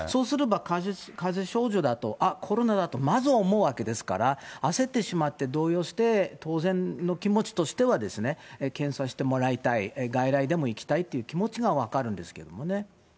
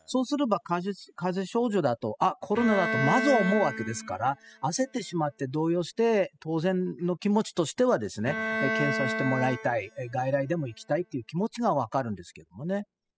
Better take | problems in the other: first | noise reduction (classical method spectral subtraction)

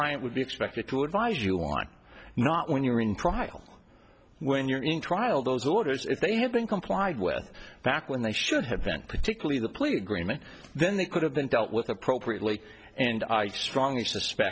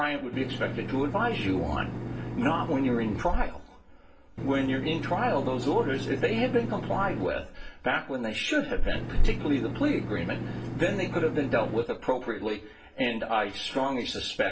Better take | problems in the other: first | background sound (Engine); 6 dB below the speech // room echo; dies away in 0.3 s

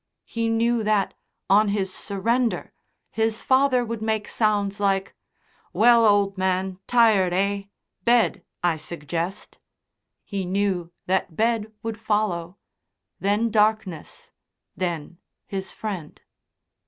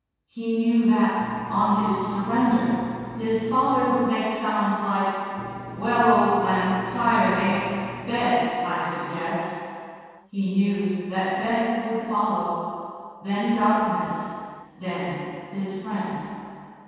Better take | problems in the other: first | background sound (Engine); 14 dB below the speech // room echo; dies away in 2.1 s

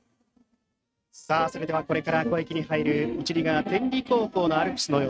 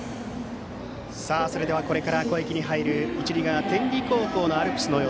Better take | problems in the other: second | noise reduction (neural mask model RNNoise)

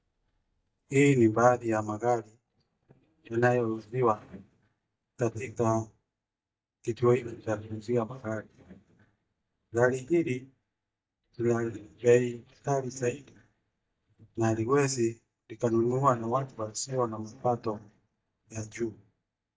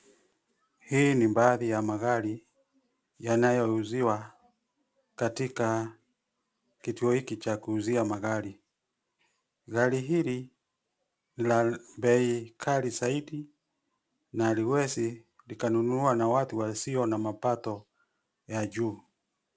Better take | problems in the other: second | noise reduction (neural mask model DeepFilterNet 3)

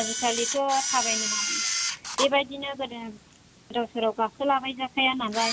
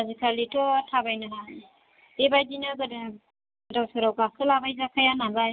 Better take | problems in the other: second | background sound (Camera); 4 dB below the speech

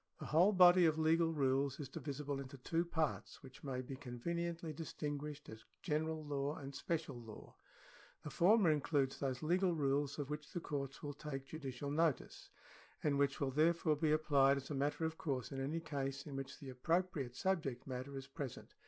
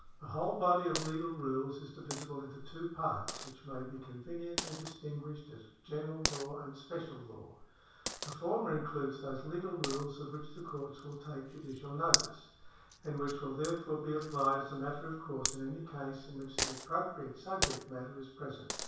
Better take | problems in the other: first | background sound (Coin (dropping)); 5 dB below the speech // room echo; dies away in 0.7 s

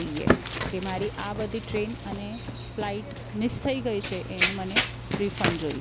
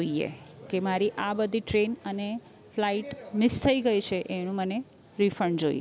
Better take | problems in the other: second | background sound (Run); 1 dB above the speech

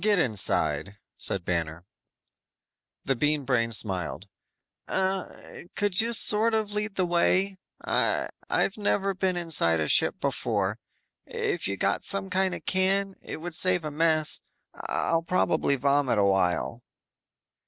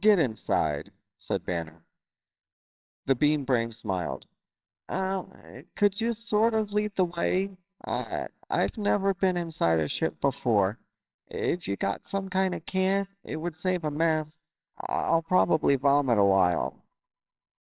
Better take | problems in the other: first | noise reduction (neural separator model SepFormer WHAMR!)

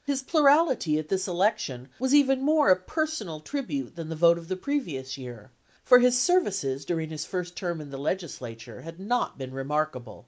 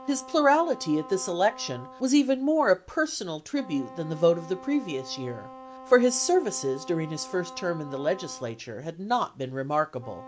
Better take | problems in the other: first | background sound (Wind instrument, woodwind instrument); 18 dB below the speech

